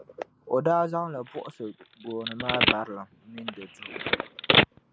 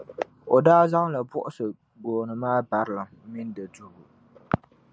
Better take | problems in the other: second | background sound (Telephone); 3 dB above the speech

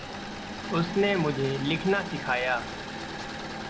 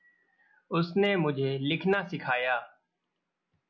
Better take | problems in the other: second | background sound (Engine / Mechanisms); 6 dB below the speech

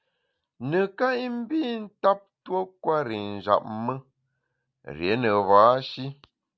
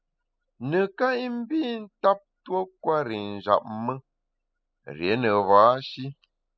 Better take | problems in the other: first | noise reduction (classical method spectral subtraction)

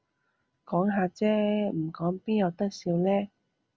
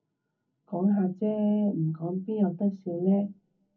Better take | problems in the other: first | room echo; dies away in 0.3 s

